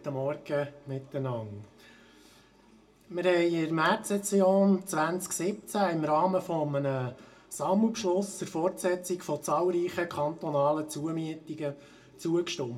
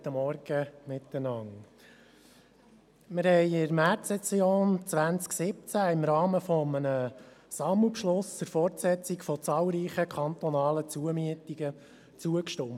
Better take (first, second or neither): second